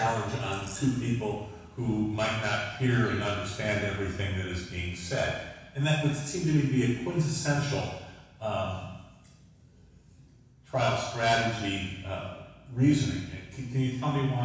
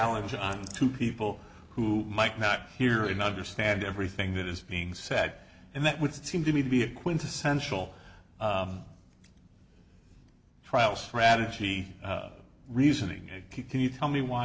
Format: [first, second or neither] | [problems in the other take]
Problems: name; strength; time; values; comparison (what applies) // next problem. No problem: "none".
second | room echo; dies away in 1.1 s